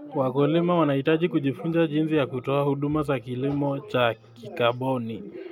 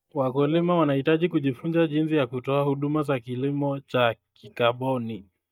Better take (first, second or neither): first